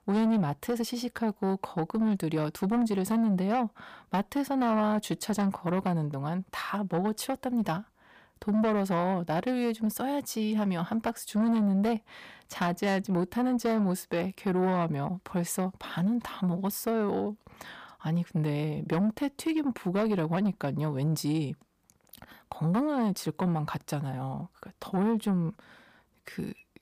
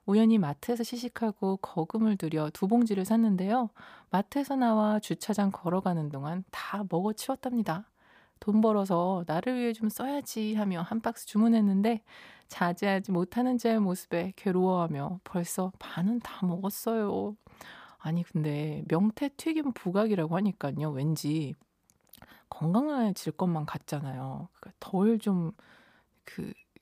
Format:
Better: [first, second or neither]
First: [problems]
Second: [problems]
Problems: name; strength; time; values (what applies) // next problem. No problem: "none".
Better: second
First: distortion; slight; 10 dB below the speech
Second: none